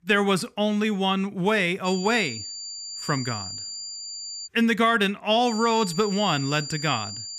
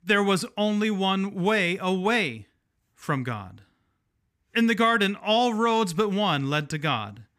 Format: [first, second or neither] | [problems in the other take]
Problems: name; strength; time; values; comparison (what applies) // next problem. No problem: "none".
second | high-pitched whine; loud; from 2 to 4.5 s and from 5.5 s on; 4.5 kHz, 9 dB below the speech